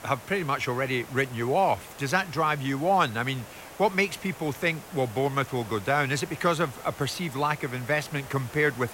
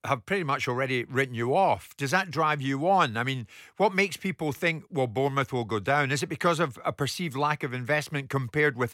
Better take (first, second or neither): second